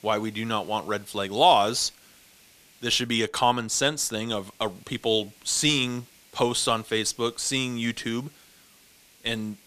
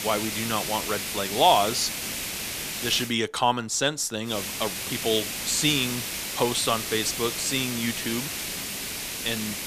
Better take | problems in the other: first | hiss; loud; until 3 s and from 4.5 s on; 4 dB below the speech; faint in the first

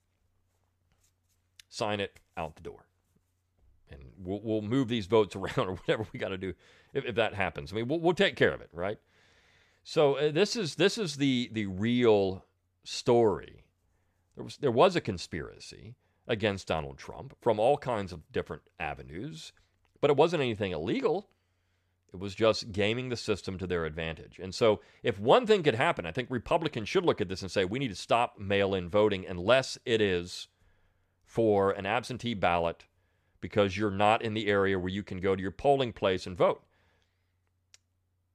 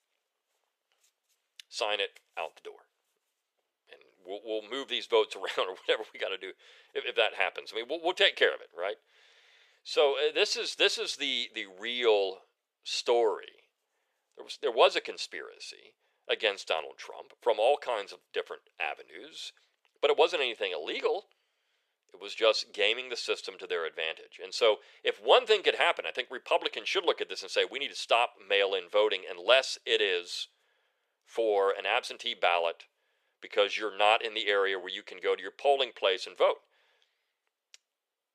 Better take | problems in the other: first | thin; very; fading below 450 Hz

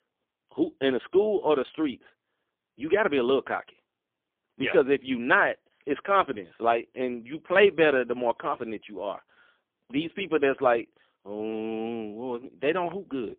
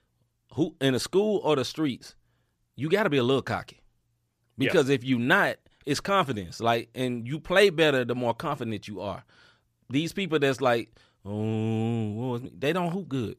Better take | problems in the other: second | phone-call audio; poor line; nothing above 3.5 kHz

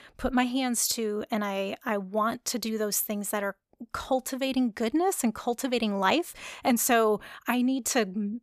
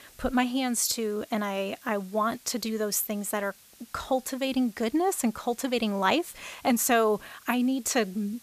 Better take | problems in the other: first | hiss; faint; throughout; 25 dB below the speech

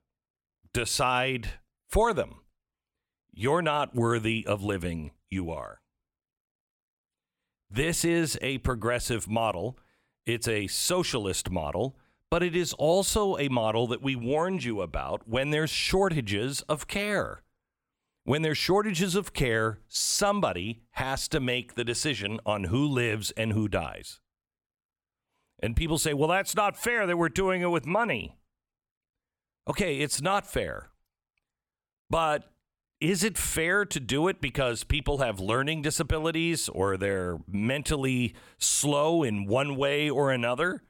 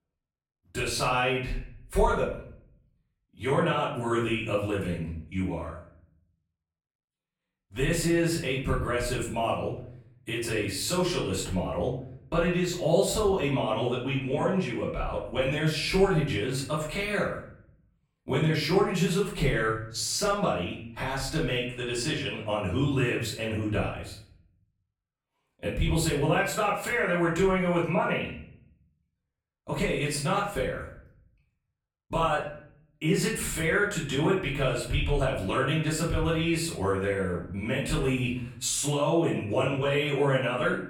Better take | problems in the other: first | off-mic speech; far // room echo; noticeable; dies away in 0.6 s

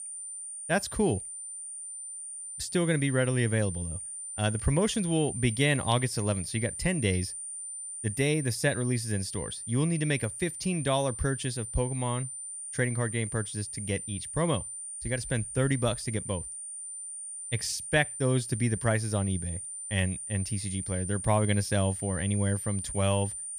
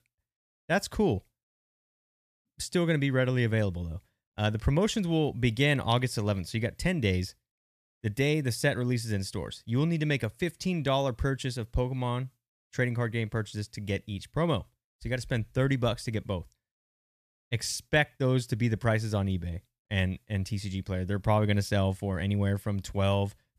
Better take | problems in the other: second | high-pitched whine; loud; throughout; 9 kHz, 7 dB below the speech

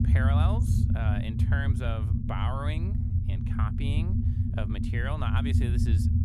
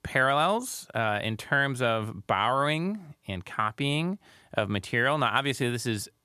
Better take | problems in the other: second | low rumble; loud; throughout; 3 dB below the speech

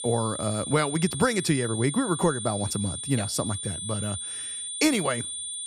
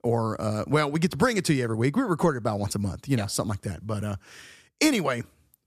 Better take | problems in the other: second | high-pitched whine; loud; throughout; 9 kHz, 5 dB below the speech

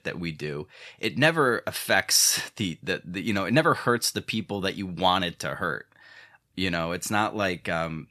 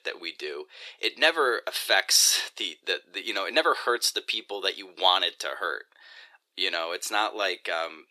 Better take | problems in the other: first | thin; very; fading below 350 Hz

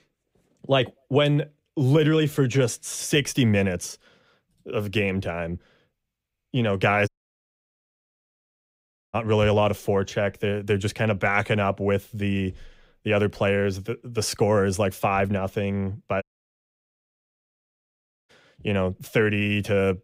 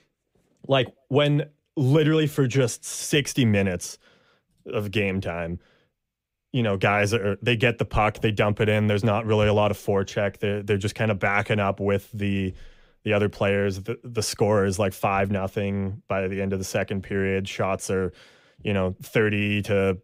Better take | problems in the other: second | audio cutting out; at 7 s for 2 s and at 16 s for 2 s

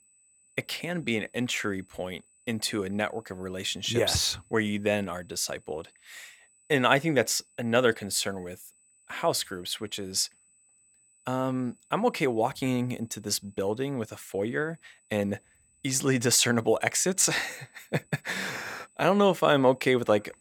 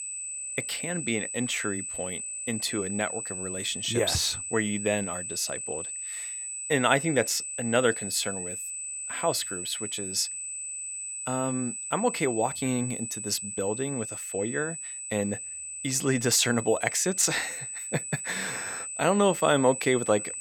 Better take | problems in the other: first | high-pitched whine; loud; throughout; 8 kHz, 5 dB below the speech; faint in the first

